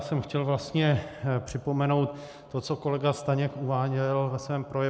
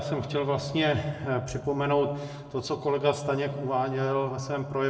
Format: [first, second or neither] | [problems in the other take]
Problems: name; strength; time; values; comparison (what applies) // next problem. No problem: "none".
first | room echo; dies away in 1 s